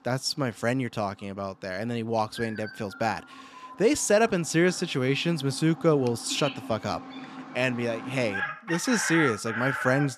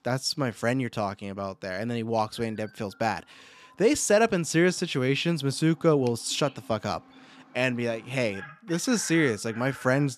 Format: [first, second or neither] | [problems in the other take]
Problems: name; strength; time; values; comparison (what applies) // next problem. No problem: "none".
second | animal sounds; loud; throughout; 8 dB below the speech; faint in the second